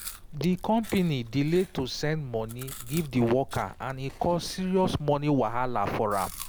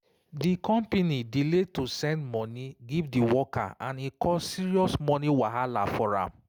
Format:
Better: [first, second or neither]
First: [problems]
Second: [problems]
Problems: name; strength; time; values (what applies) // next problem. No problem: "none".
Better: second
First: background sound (Chewing, mastication); 13 dB below the speech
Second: none